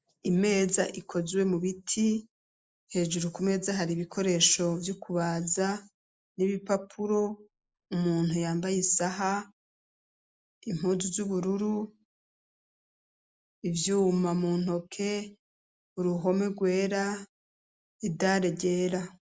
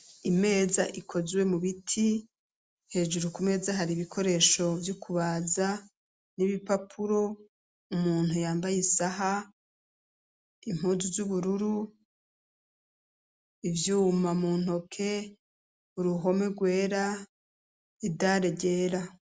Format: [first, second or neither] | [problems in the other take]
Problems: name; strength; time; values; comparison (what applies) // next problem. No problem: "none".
second | noise reduction (neural mask model Resemble Enhance denoiser)